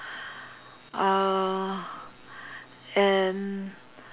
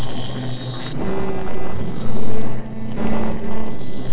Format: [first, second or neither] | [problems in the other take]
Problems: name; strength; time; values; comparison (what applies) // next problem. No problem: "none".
first | noise reduction (neural separator model SepFormer DNS4)